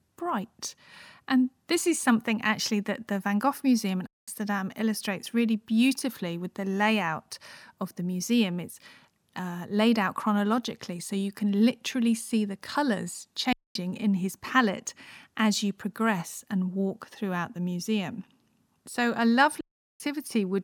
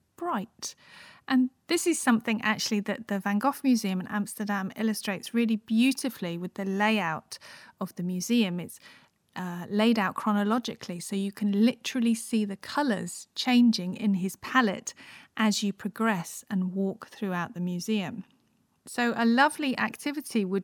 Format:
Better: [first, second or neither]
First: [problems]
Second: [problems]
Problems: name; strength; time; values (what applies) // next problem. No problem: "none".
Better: second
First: audio cutting out; at 4 s, at 14 s and at 20 s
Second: none